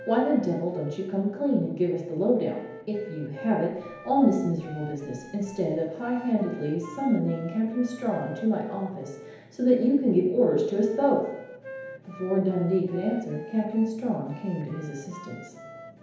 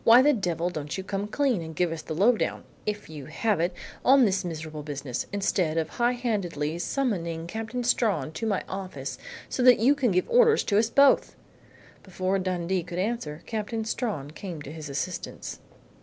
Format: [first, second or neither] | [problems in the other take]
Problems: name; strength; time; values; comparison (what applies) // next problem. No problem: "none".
second | background sound (Wind instrument, woodwind instrument); 19 dB below the speech // room echo; dies away in 1 s